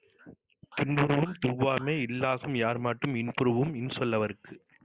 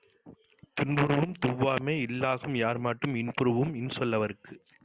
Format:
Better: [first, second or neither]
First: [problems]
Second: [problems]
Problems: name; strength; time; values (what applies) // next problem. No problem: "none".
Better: second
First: noise reduction (neural mask model Resemble Enhance denoiser)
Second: none